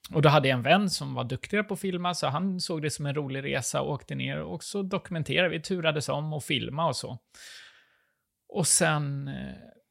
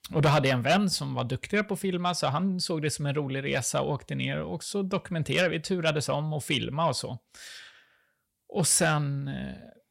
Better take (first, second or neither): first